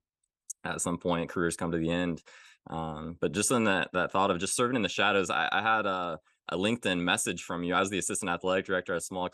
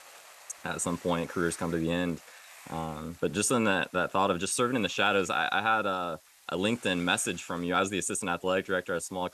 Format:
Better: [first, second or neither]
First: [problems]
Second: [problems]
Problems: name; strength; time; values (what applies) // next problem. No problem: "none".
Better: first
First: none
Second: hiss; faint; throughout; 25 dB below the speech